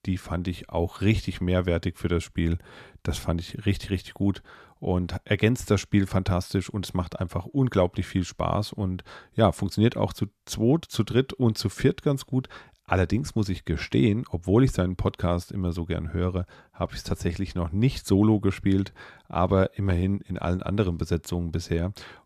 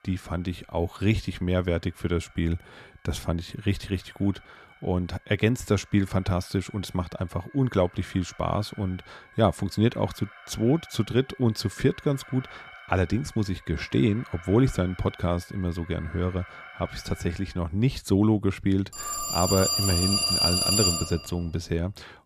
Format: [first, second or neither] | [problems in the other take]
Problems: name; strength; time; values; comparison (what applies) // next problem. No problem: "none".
first | alarms or sirens; very loud; throughout; 3 dB above the speech